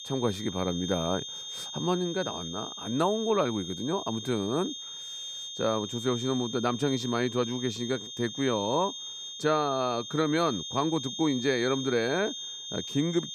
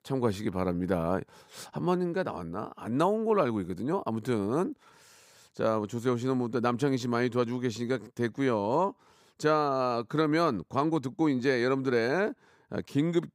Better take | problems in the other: second | high-pitched whine; loud; throughout; 3.5 kHz, 7 dB below the speech

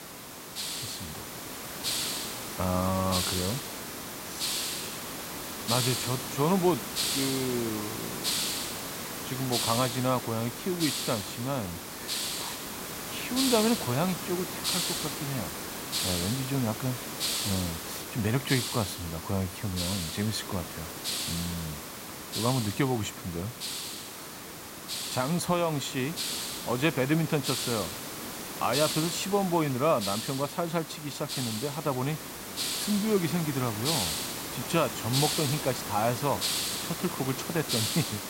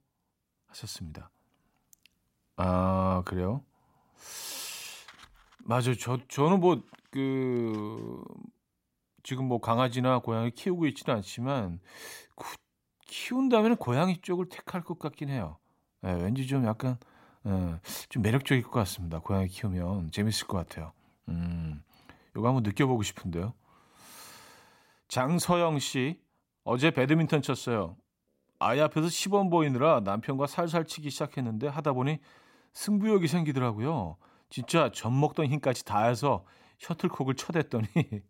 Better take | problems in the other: second | hiss; loud; throughout; 2 dB below the speech

